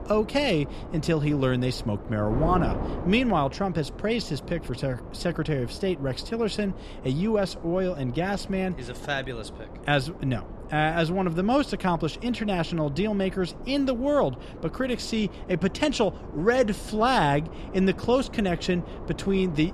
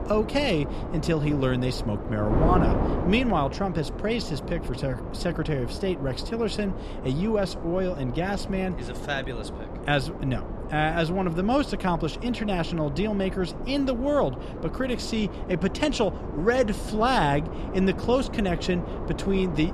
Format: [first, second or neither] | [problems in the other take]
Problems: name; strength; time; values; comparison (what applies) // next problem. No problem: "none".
first | wind noise on the microphone; heavy; 9 dB below the speech; occasional gusts in the first